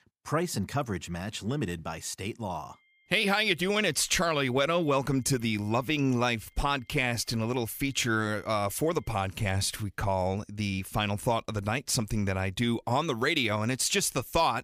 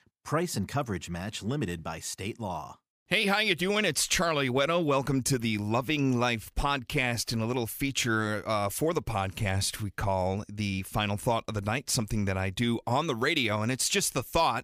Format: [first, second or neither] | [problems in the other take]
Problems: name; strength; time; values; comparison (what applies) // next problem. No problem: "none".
second | high-pitched whine; faint; from 2.5 to 9 s; 2 kHz, 35 dB below the speech